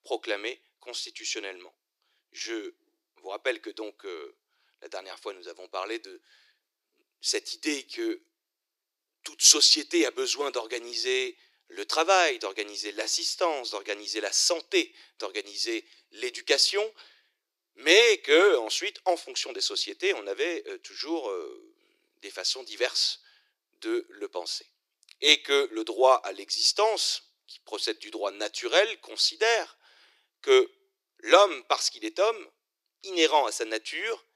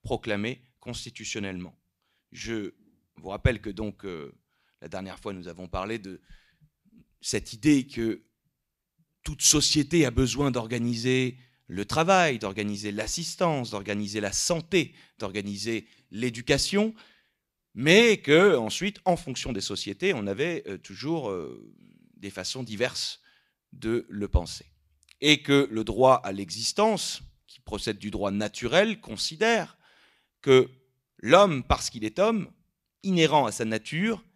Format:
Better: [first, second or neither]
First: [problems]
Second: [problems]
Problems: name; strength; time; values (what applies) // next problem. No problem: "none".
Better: second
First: thin; very; fading below 350 Hz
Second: none